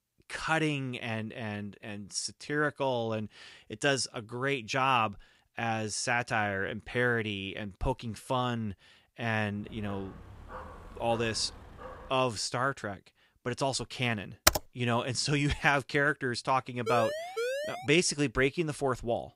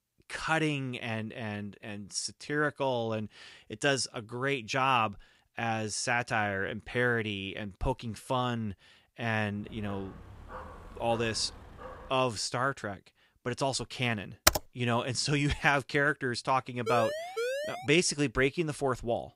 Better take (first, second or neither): neither